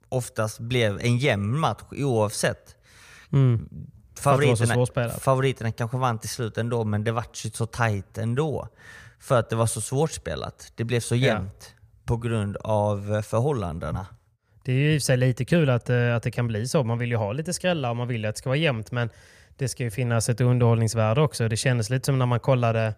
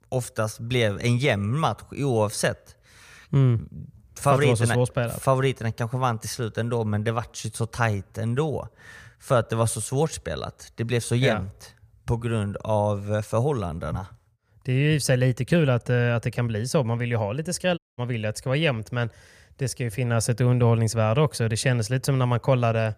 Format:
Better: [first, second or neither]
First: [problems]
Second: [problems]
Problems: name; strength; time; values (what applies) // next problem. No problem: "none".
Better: first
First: none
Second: audio cutting out; at 18 s